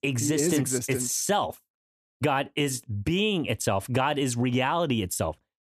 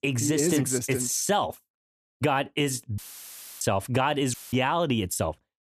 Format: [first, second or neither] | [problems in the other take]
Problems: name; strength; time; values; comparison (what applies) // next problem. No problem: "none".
first | audio cutting out; filled with static; at 3 s for 0.5 s and at 4.5 s